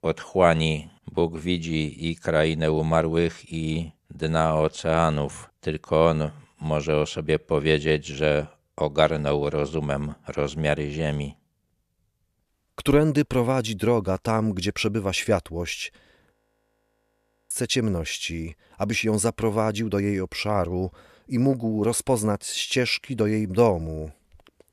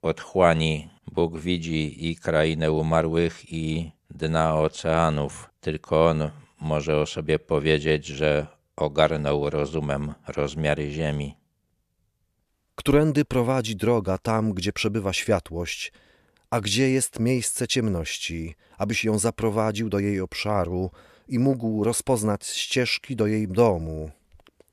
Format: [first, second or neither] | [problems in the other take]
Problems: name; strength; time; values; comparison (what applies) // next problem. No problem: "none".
second | audio freezing; at 16 s for 1 s